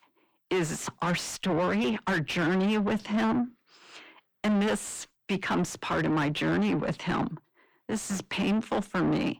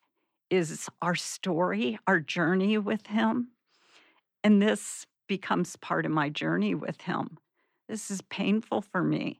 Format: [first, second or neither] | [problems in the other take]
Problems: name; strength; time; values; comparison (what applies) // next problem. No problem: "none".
second | distortion; heavy; 6 dB below the speech